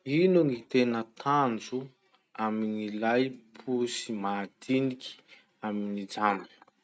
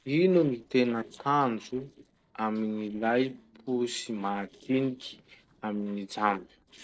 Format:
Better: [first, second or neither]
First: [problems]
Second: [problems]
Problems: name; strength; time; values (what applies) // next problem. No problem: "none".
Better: first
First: none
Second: noise reduction (neural separator model SepFormer DNS4)